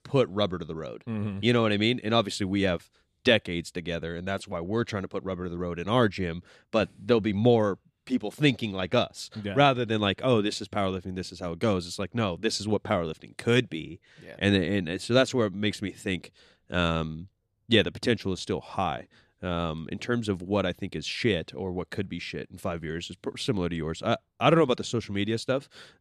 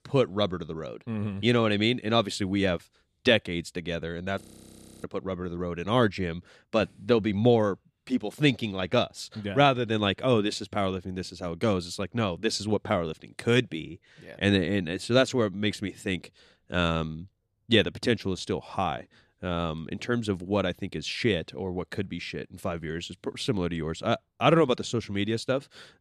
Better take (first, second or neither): first